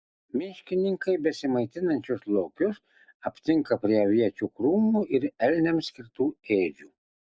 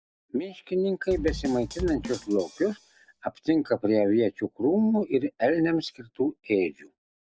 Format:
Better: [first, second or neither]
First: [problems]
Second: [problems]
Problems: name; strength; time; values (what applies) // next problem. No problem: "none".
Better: first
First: none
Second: background sound (Bass drum / Snare drum); 11 dB below the speech